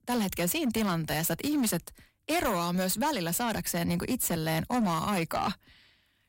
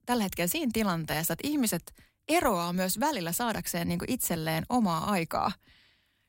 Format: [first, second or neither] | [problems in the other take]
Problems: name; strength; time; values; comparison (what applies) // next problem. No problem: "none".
second | distortion; slight; 11% of the sound clipped